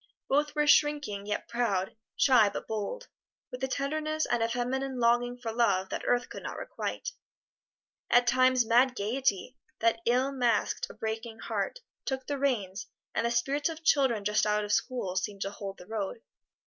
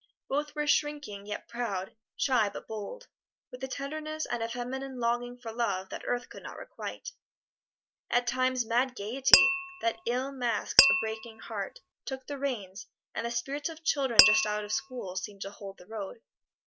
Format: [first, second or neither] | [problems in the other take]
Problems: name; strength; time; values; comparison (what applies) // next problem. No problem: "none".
first | background sound (Glass); 5 dB above the speech